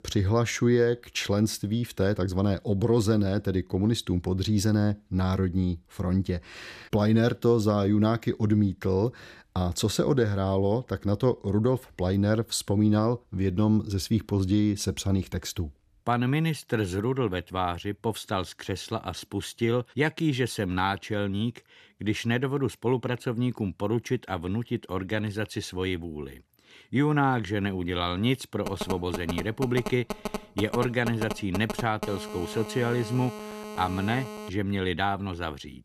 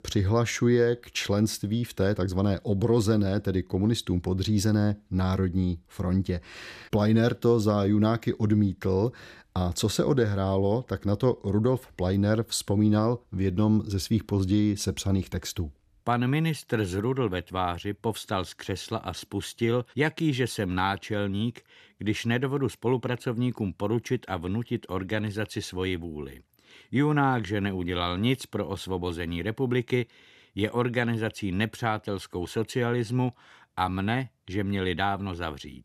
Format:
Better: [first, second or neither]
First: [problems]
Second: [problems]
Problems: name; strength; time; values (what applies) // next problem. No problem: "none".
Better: second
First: phone ringing; noticeable; from 29 to 35 s; peak 8 dB below the speech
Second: none